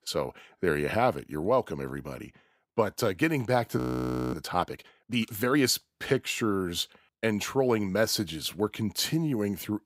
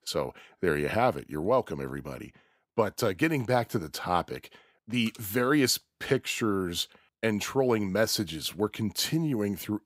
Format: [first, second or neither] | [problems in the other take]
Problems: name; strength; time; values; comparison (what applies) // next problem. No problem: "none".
second | audio freezing; at 4 s for 0.5 s